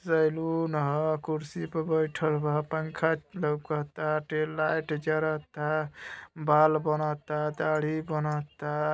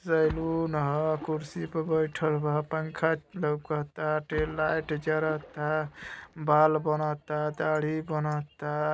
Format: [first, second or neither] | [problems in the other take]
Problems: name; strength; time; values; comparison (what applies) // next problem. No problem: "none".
first | background sound (Splash, splatter); 19 dB below the speech